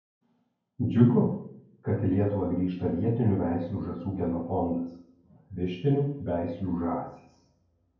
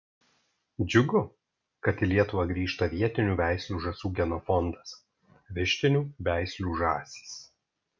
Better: second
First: room echo; dies away in 0.9 s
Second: none

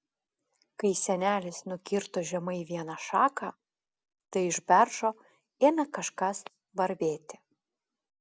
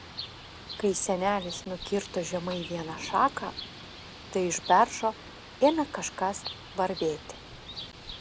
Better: first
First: none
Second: background sound (Bird); 13 dB below the speech

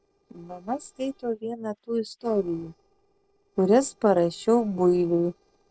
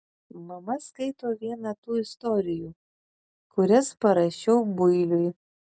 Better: second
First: noise reduction (neural separator model SepFormer DNS4)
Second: none

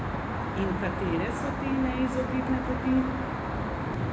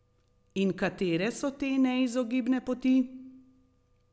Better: second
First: background sound (Traffic noise, roadway noise); as loud as the speech // room echo; dies away in 0.9 s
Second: none

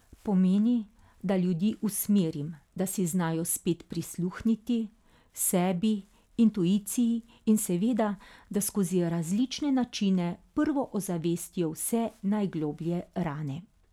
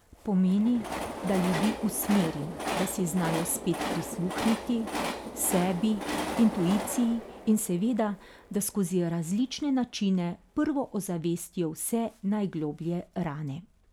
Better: first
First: none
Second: background sound (Train); 8 dB below the speech

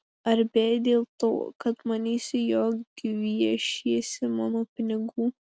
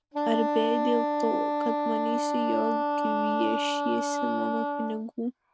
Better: first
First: none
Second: background sound (Wind instrument, woodwind instrument); 3 dB above the speech

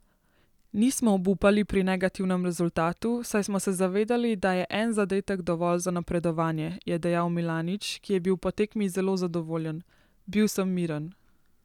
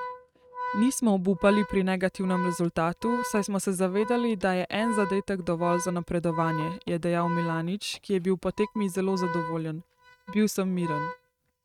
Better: first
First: none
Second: noise reduction (neural mask model RNNoise)

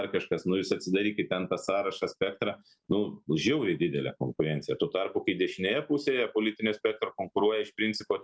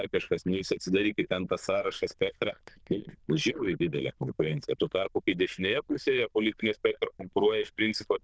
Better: first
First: none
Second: noise reduction (neural diffusion model UNIVERSE++)

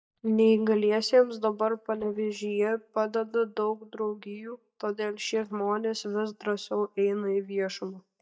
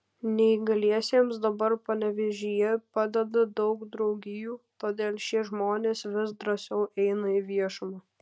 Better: second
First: noise reduction (neural mask model DeepFilterNet 3)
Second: none

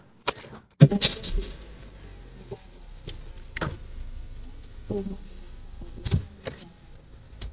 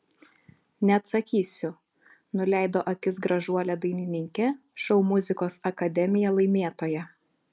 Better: second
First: noise reduction (neural mask model DeepFilterNet 3)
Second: none

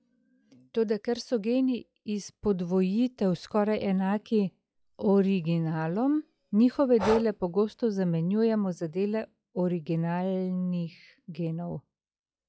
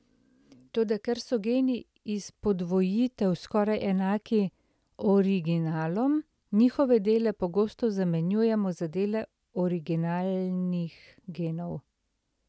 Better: second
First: noise reduction (classical method log-MMSE)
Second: none

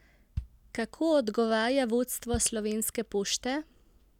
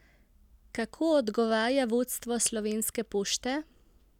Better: second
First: background sound (Bass drum); 15 dB below the speech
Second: none

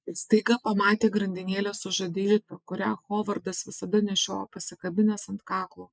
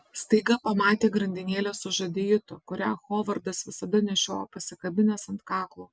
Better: second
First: noise reduction (neural mask model Resemble Enhance denoiser)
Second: none

